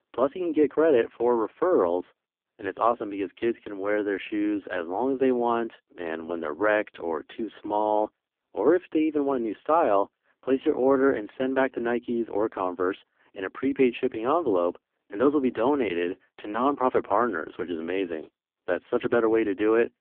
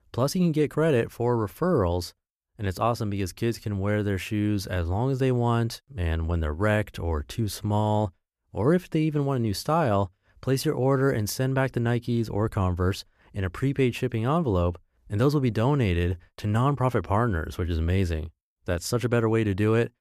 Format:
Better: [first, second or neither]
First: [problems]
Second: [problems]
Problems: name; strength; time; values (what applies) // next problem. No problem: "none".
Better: second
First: phone-call audio; poor line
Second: none